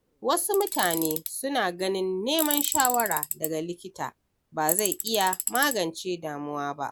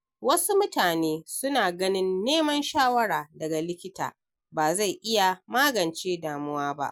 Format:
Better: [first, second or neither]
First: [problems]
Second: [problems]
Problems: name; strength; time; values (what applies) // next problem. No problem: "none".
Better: second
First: background sound (Tools); 6 dB below the speech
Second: none